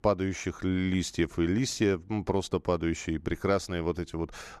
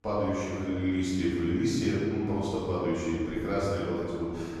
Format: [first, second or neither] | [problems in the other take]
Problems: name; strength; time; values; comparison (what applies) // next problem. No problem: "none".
first | room echo; strong; dies away in 1.8 s // off-mic speech; far